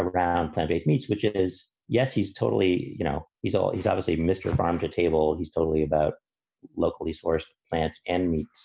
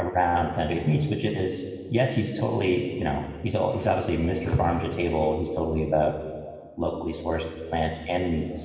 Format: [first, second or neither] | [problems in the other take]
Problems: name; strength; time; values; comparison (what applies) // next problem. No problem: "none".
first | room echo; dies away in 1.7 s